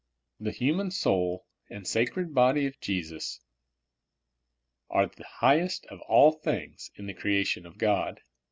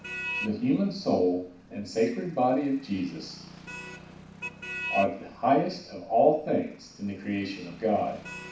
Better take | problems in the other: first | background sound (Motor vehicle (road)); 13 dB below the speech // room echo; dies away in 0.6 s

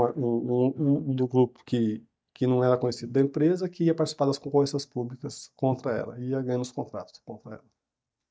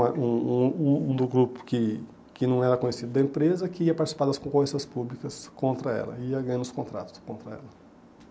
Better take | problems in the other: second | noise reduction (neural mask model DeepFilterNet 3)

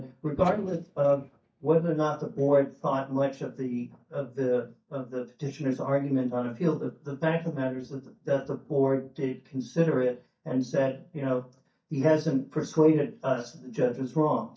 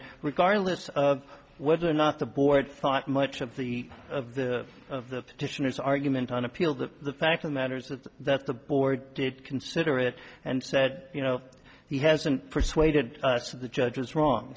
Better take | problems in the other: second | noise reduction (neural mask model DeepFilterNet 3)

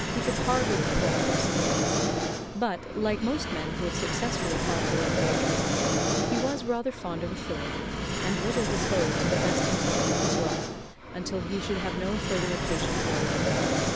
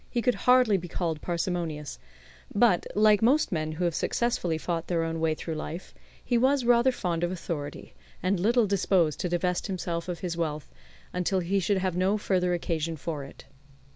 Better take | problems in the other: second | background sound (Fixed-wing aircraft, airplane); 5 dB above the speech

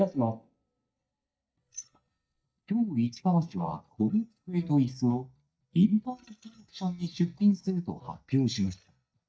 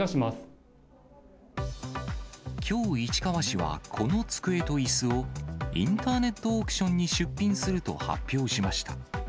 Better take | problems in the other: second | noise reduction (neural mask model DeepFilterNet 3)

